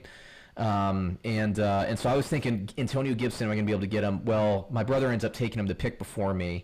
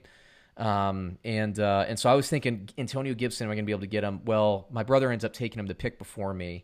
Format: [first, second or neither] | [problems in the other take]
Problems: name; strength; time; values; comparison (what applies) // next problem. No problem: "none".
second | distortion; heavy; 5 dB below the speech